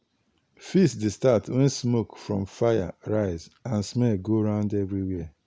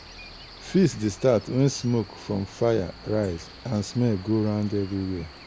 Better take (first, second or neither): first